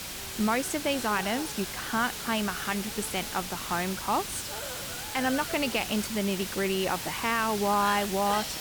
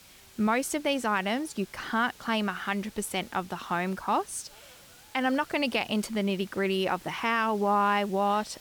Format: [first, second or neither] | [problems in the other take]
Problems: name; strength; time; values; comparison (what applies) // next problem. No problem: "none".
second | hiss; loud; throughout; 5 dB below the speech; faint in the second